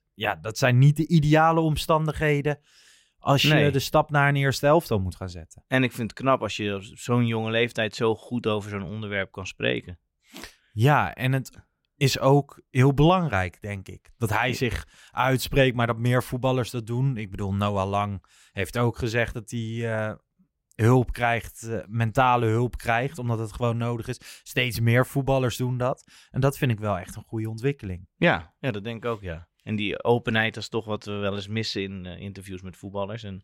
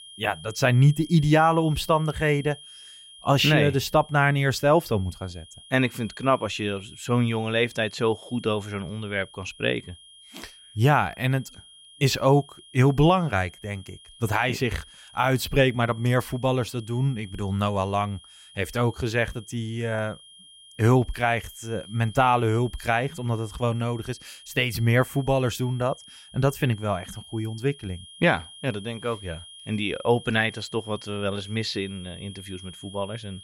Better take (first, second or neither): first